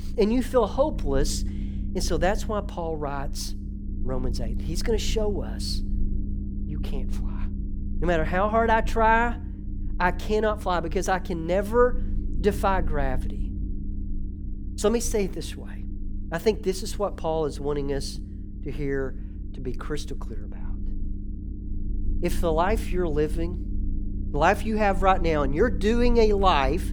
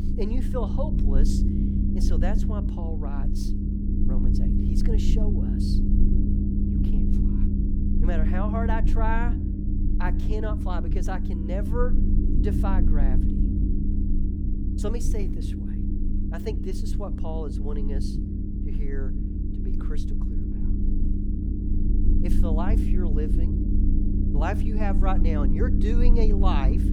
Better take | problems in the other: first | low rumble; loud; throughout; 2 dB below the speech; faint in the first

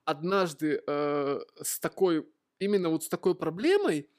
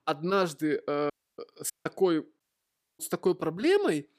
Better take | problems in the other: first | audio cutting out; at 1 s, at 1.5 s and at 2.5 s for 0.5 s

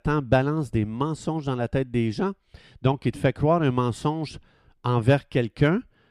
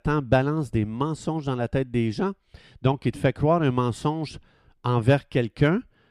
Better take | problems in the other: neither | none

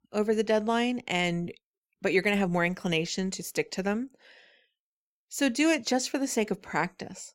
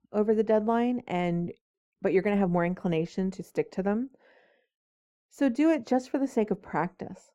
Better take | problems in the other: first | muffled; very; fading above 2 kHz

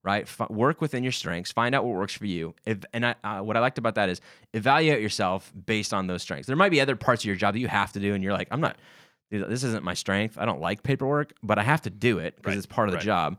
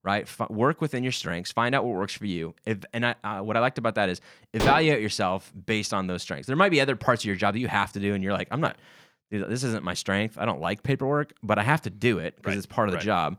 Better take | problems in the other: first | clattering dishes; noticeable; at 4.5 s; peak 1 dB below the speech

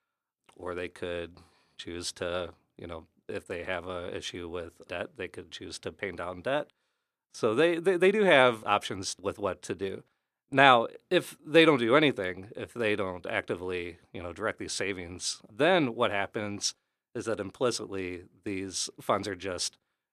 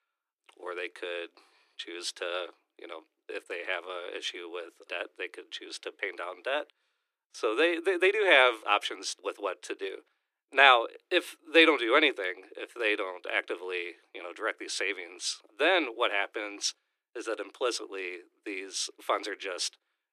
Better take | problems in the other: first | thin; very; fading below 300 Hz

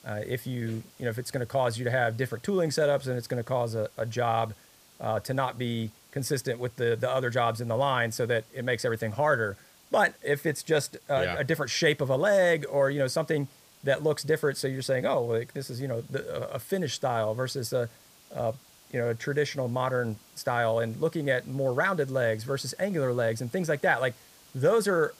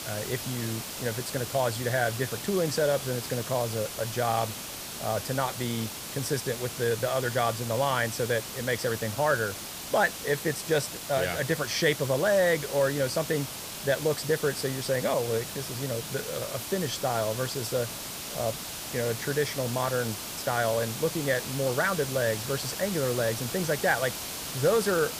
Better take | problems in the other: first | hiss; loud; throughout; 6 dB below the speech; faint in the first

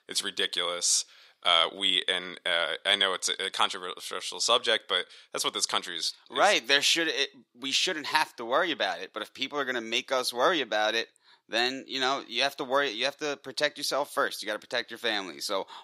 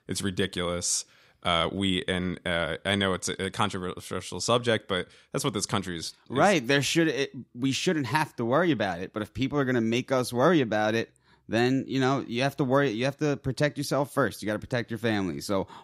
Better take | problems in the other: second | thin; somewhat; fading below 550 Hz

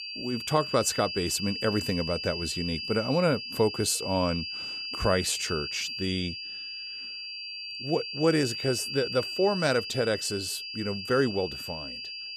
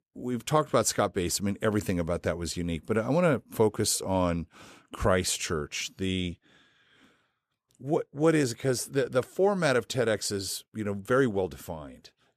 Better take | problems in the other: second | high-pitched whine; loud; throughout; 5 kHz, 5 dB below the speech

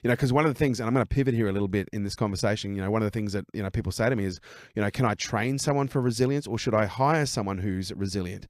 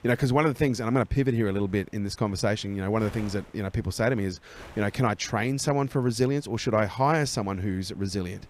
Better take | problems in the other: first | wind noise on the microphone; occasional gusts; 25 dB below the speech

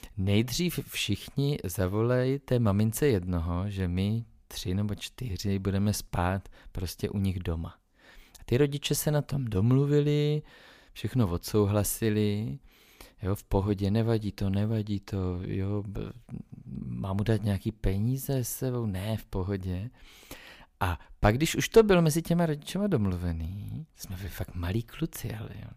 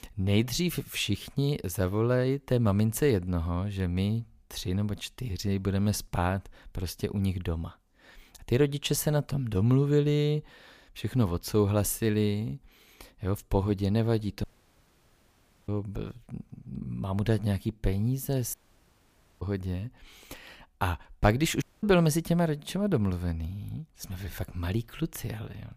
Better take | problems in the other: first | audio cutting out; at 14 s for 1 s, at 19 s for 1 s and at 22 s

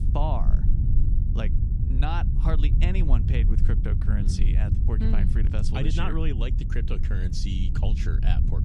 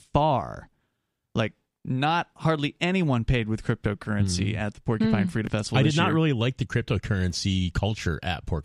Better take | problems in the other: second | low rumble; loud; throughout; 5 dB below the speech

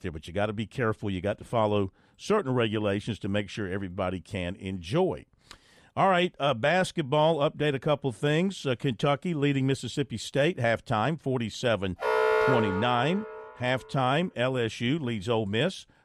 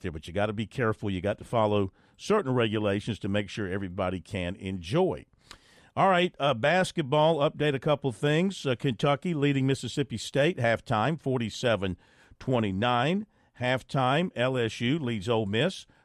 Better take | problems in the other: second | alarm; loud; from 12 to 13 s; peak 5 dB above the speech

